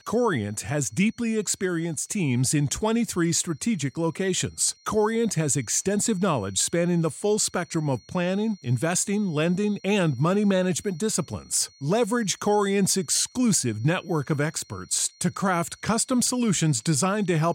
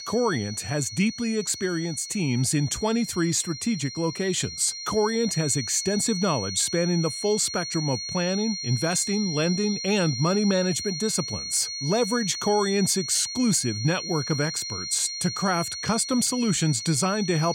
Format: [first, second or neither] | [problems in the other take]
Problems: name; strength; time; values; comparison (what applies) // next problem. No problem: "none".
first | high-pitched whine; loud; throughout; 4.5 kHz, 6 dB below the speech; faint in the first